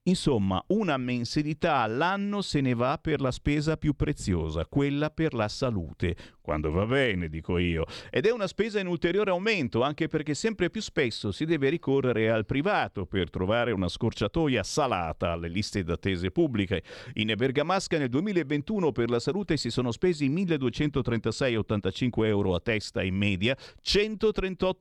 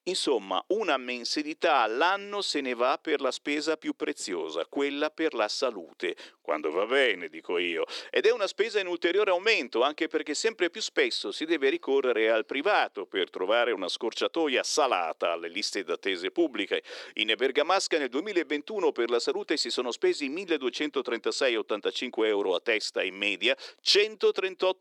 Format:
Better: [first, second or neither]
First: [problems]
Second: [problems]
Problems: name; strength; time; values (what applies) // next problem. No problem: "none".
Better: first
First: none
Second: thin; somewhat; fading below 350 Hz